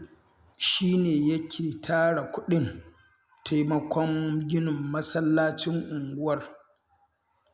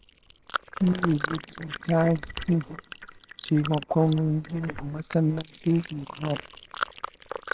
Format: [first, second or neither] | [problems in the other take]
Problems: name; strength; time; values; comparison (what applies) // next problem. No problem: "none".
first | noise reduction (neural separator model SepFormer WHAMR!)